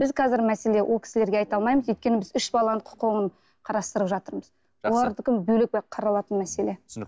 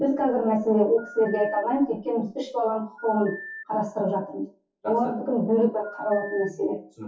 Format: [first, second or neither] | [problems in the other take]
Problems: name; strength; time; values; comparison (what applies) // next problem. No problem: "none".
first | noise reduction (classical method WPE with log-MMSE)